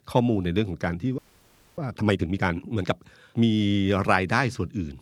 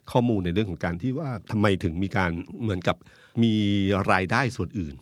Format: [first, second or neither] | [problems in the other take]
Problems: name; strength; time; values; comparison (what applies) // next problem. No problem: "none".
second | audio freezing; at 1 s for 0.5 s